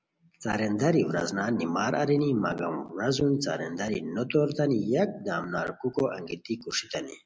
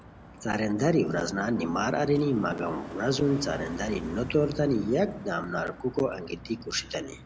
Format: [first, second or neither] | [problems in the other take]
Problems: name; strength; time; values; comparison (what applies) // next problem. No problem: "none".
first | background sound (Car passing by + Vehicle); 15 dB below the speech